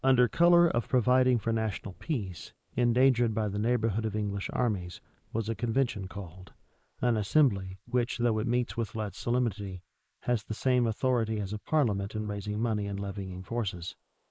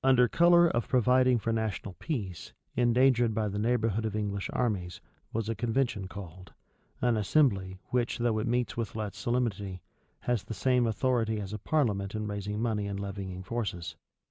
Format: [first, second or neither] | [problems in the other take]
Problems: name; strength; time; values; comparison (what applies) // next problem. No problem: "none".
second | noise reduction (neural mask model Resemble Enhance denoiser)